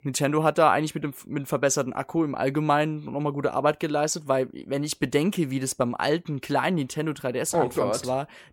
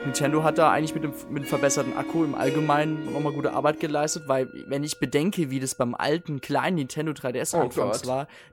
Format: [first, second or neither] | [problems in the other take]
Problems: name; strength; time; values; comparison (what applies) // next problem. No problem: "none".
first | background music; loud; throughout; 8 dB below the speech